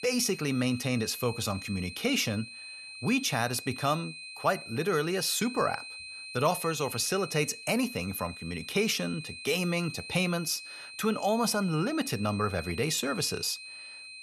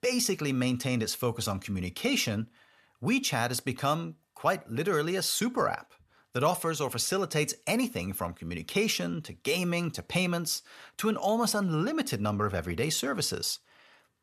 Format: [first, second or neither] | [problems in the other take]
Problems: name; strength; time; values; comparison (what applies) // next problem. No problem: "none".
second | high-pitched whine; noticeable; throughout; 2.5 kHz, 10 dB below the speech